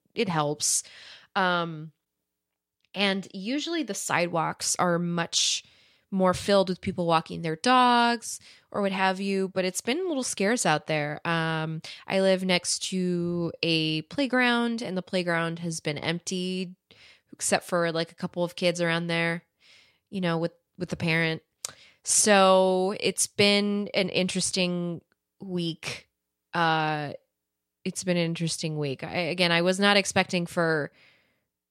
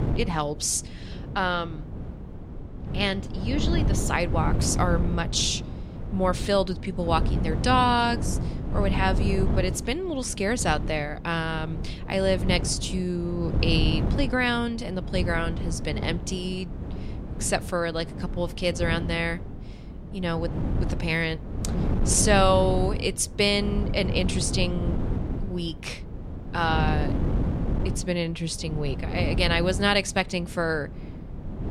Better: first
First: none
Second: wind noise on the microphone; occasional gusts; 10 dB below the speech

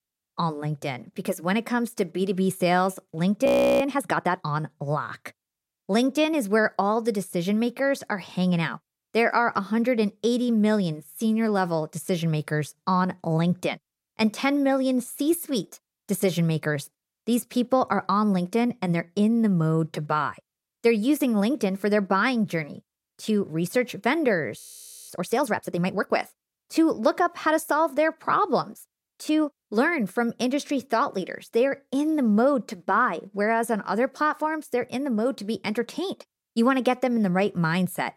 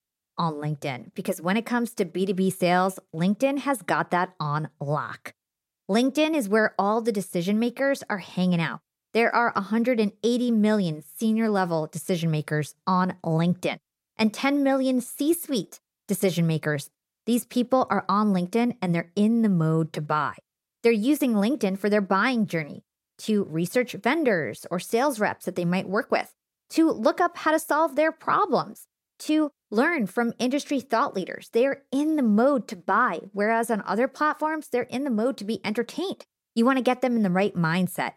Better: second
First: audio freezing; at 3.5 s and at 25 s for 0.5 s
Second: none

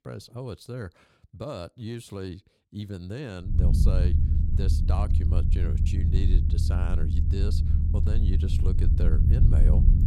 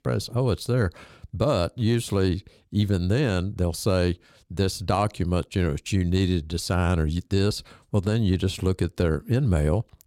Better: second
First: low rumble; loud; from 3.5 s on; as loud as the speech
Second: none

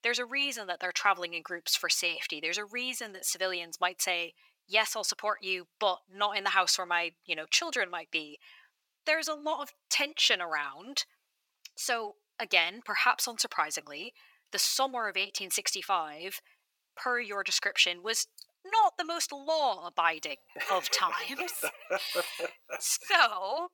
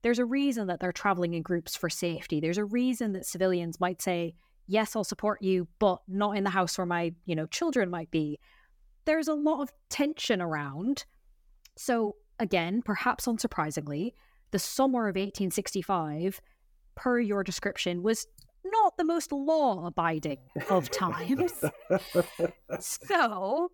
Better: second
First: thin; very; fading below 900 Hz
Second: none

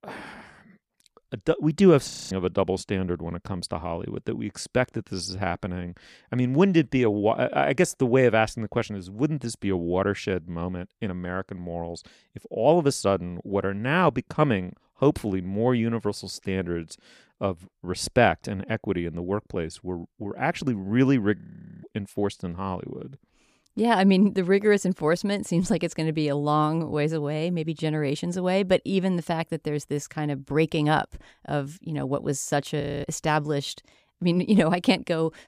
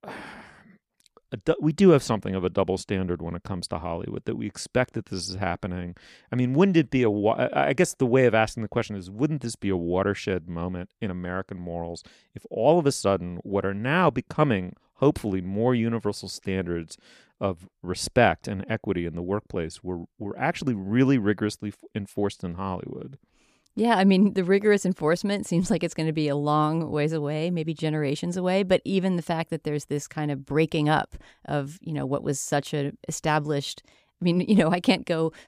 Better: second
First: audio freezing; at 2 s, at 21 s and at 33 s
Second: none

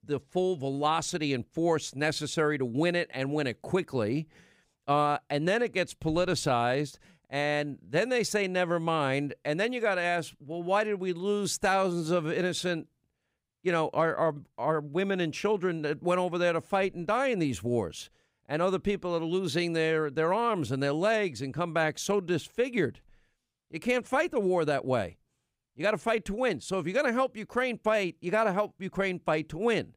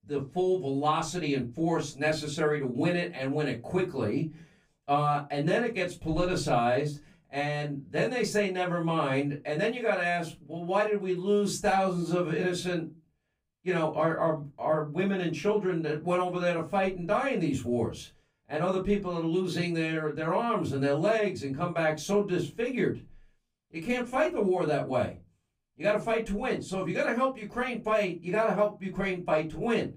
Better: first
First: none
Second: off-mic speech; far // room echo; very slight; dies away in 0.2 s

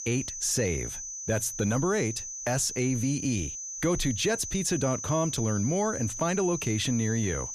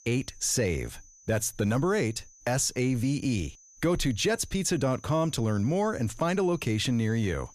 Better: second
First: high-pitched whine; loud; throughout; 6 kHz, 6 dB below the speech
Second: high-pitched whine; faint; throughout; 6 kHz, 25 dB below the speech

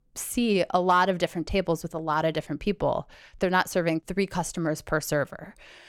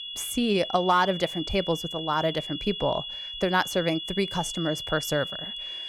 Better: first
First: none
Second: high-pitched whine; loud; throughout; 3.5 kHz, 6 dB below the speech

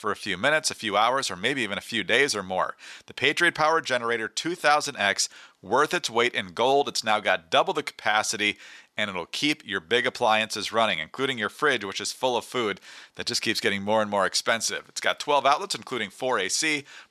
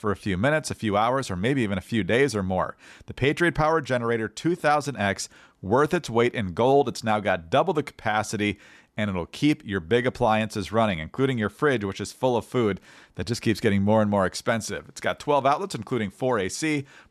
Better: second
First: thin; somewhat; fading below 900 Hz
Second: none

